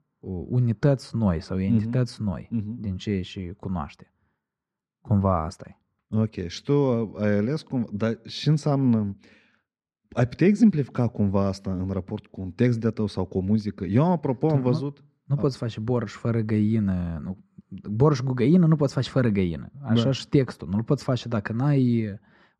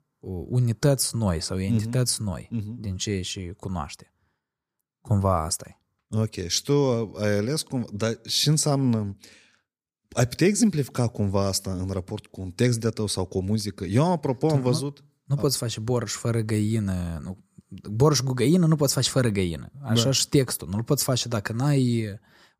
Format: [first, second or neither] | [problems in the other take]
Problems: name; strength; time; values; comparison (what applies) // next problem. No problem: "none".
second | muffled; slightly; fading above 2.5 kHz